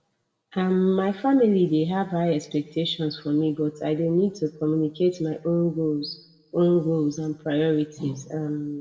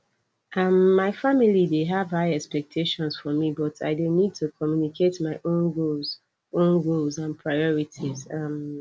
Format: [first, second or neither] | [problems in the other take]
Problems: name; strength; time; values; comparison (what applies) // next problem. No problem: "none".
second | room echo; dies away in 0.6 s